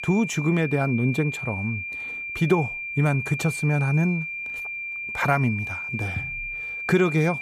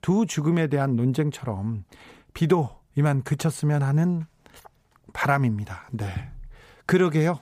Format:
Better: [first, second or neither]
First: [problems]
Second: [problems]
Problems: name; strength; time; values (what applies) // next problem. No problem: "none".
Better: second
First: high-pitched whine; loud; throughout; 2.5 kHz, 5 dB below the speech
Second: none